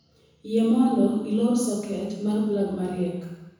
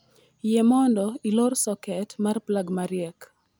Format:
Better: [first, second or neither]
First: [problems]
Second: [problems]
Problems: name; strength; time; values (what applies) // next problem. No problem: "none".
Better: second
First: room echo; dies away in 1.1 s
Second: none